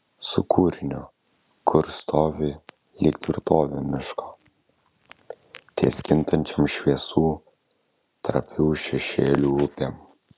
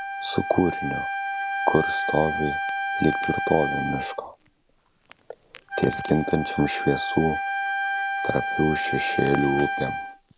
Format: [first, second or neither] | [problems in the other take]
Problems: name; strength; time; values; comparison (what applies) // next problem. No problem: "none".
first | background sound (Wind instrument, woodwind instrument); 2 dB below the speech